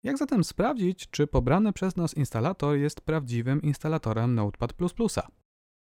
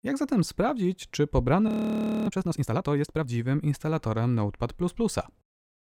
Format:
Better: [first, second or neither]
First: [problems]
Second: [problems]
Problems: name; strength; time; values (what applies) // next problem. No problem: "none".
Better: first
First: none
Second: audio freezing; at 1.5 s for 0.5 s